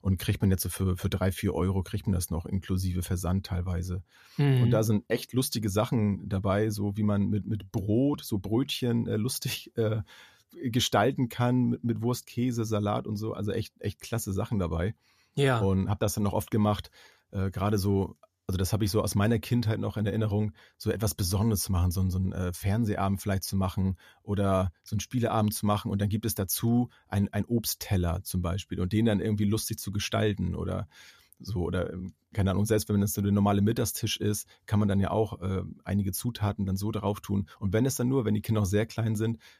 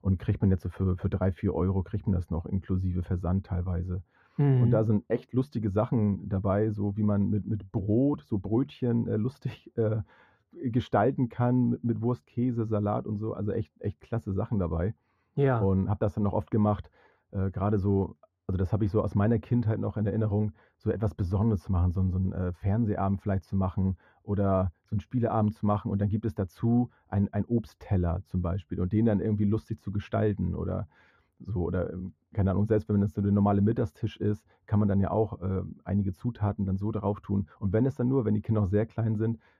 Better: first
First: none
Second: muffled; very; fading above 3 kHz

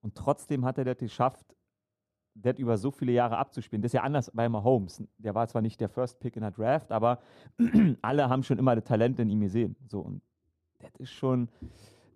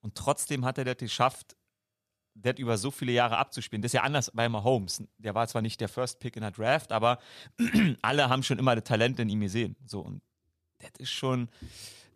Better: second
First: muffled; slightly; fading above 1.5 kHz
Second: none

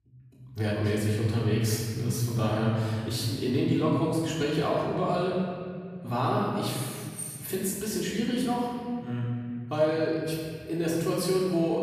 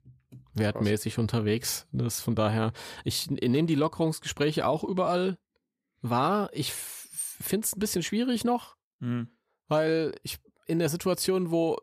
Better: second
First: off-mic speech; far // room echo; strong; dies away in 2.3 s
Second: none

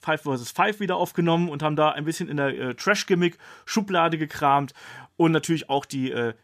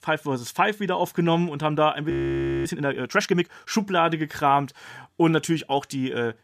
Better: first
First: none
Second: audio freezing; at 2 s for 0.5 s

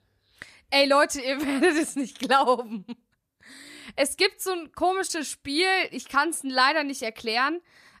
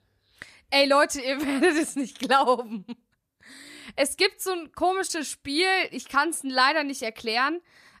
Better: neither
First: none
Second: none

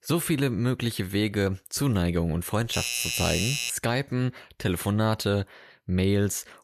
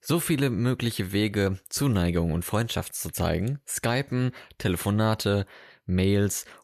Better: second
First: doorbell; loud; from 2.5 to 3.5 s; peak level with the speech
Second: none

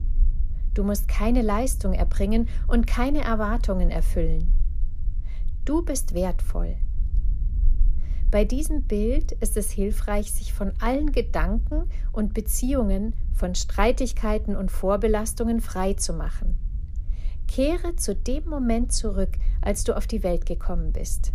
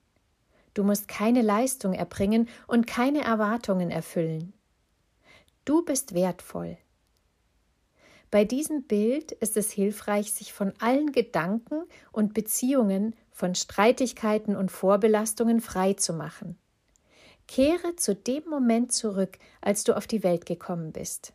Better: second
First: low rumble; faint; throughout; 25 dB below the speech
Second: none

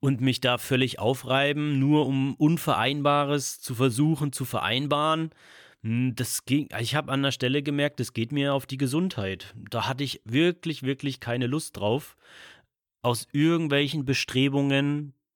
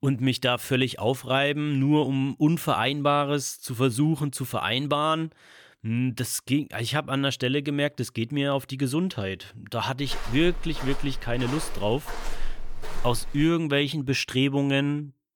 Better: first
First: none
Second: footsteps; faint; from 10 to 13 s; peak 10 dB below the speech

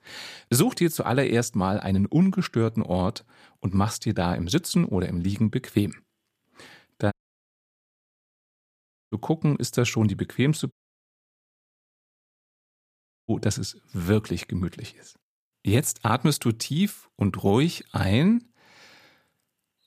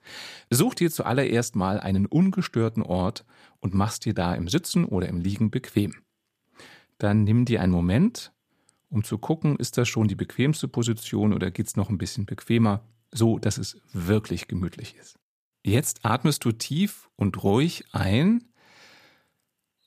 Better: second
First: audio cutting out; at 7 s for 2 s and at 11 s for 2.5 s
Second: none

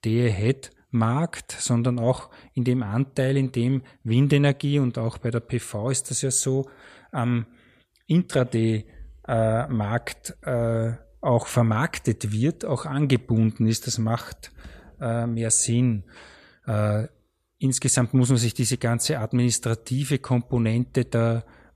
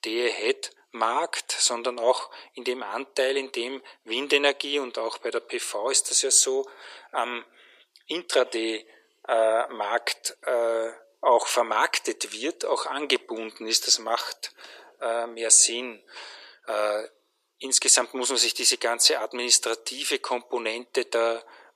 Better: first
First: none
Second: thin; very; fading below 350 Hz

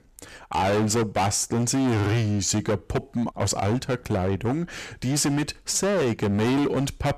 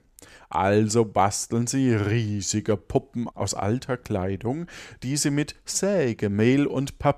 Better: second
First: distortion; heavy; 24% of the sound clipped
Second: none

